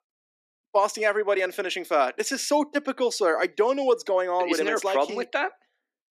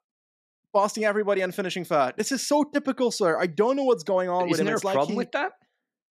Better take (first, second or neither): second